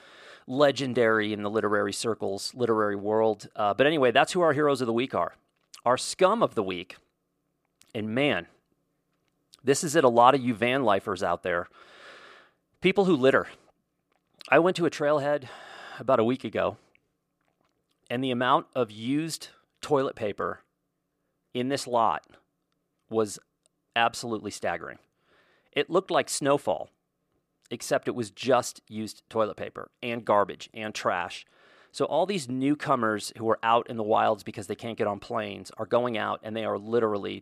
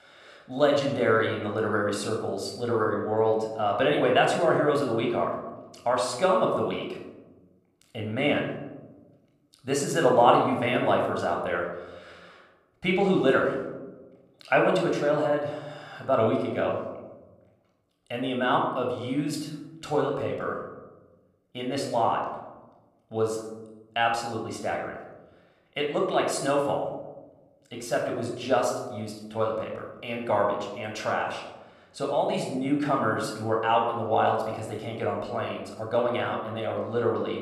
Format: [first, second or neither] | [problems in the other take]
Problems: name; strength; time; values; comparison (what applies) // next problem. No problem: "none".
first | off-mic speech; somewhat distant // room echo; noticeable; dies away in 1 s